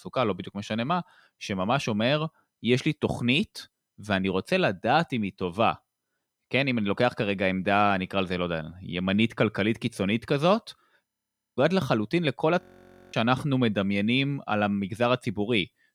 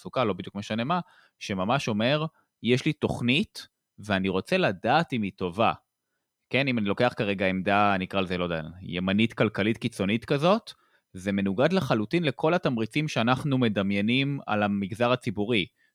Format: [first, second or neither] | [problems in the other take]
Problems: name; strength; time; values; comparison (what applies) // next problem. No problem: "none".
second | audio freezing; at 11 s for 0.5 s and at 13 s for 0.5 s